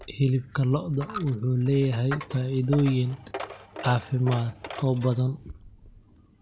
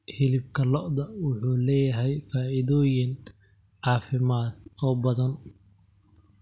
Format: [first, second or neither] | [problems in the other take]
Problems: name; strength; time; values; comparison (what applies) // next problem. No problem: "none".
second | background sound (Coin (dropping)); 15 dB below the speech